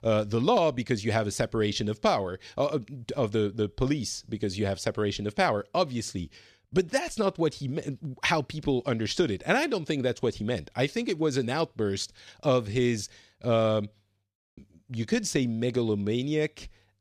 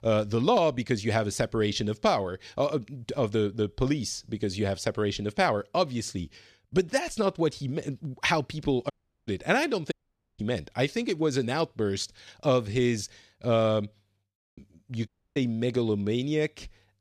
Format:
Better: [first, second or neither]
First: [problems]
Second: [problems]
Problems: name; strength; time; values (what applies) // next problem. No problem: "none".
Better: first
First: none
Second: audio cutting out; at 9 s, at 10 s and at 15 s